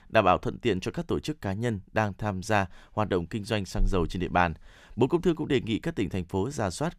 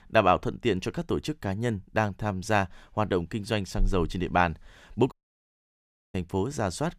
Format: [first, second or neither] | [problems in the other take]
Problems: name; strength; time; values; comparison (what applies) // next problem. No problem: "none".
first | audio cutting out; at 5 s for 1 s